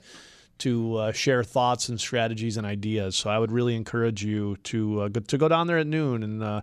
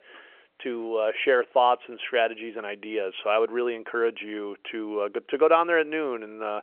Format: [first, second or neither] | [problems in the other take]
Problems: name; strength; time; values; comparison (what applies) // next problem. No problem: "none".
first | phone-call audio; nothing above 3.5 kHz